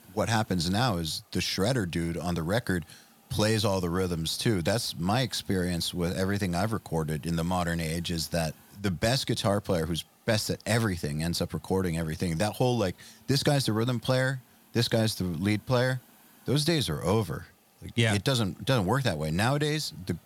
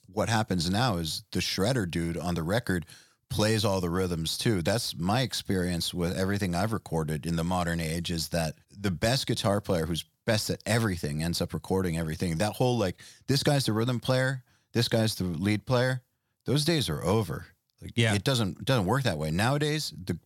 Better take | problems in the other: second | hiss; faint; throughout; 30 dB below the speech

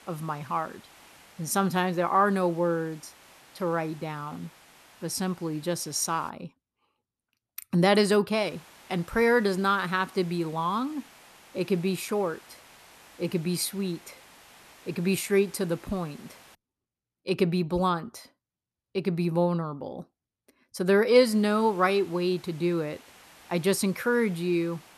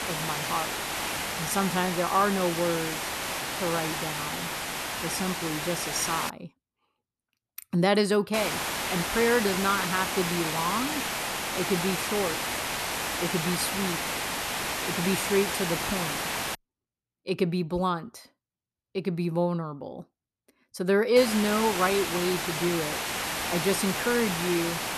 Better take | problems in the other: first | hiss; loud; until 6.5 s, from 8.5 to 17 s and from 21 s on; 1 dB below the speech; faint in the first

